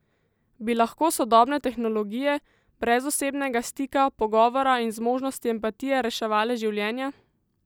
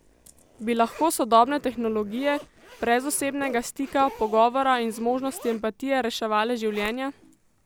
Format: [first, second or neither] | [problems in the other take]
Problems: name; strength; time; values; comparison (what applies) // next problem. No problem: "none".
first | background sound (Zipper (clothing)); 20 dB below the speech